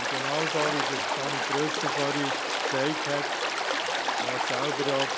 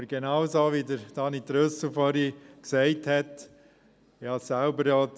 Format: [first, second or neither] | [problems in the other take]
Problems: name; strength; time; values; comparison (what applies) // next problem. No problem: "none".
second | background sound (Stream); 3 dB above the speech